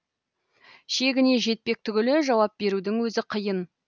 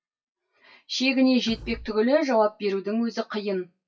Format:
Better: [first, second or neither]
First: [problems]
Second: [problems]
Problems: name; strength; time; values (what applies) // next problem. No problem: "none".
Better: first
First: none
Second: noise reduction (classical method WPE with log-MMSE)